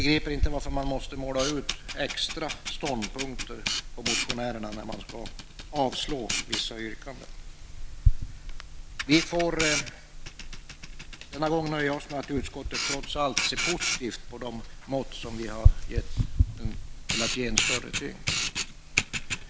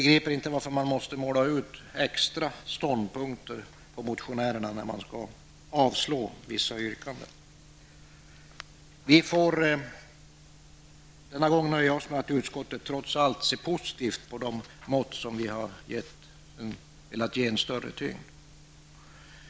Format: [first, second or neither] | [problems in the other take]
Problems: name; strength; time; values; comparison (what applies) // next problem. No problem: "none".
second | background sound (Camera); 3 dB above the speech